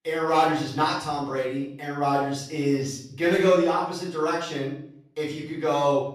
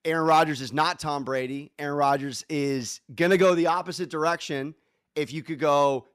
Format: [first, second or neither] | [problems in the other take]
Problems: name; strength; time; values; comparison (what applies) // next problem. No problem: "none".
second | off-mic speech; far // room echo; noticeable; dies away in 0.6 s